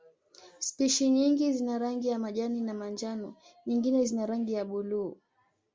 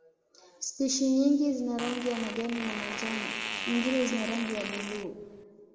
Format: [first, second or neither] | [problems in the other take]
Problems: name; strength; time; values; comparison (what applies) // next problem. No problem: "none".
first | background sound (Fart); 6 dB below the speech // room echo; dies away in 2.1 s